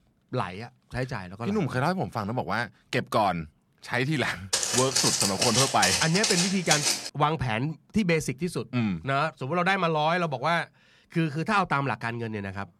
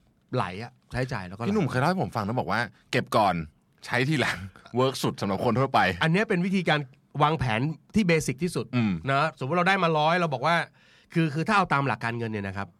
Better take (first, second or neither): second